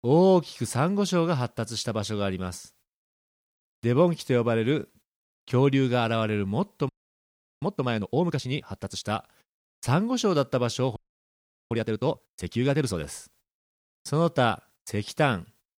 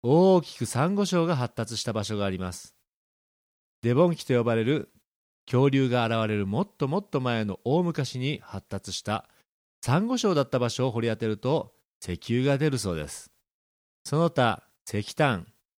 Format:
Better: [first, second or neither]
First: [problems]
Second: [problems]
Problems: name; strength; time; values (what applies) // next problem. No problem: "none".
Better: second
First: audio freezing; at 7 s for 0.5 s and at 11 s for 1 s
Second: none